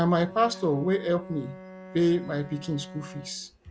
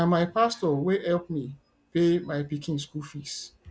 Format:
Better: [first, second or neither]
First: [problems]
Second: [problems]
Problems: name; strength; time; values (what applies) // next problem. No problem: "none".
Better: second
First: background sound (Bowed string instrument); 16 dB below the speech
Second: none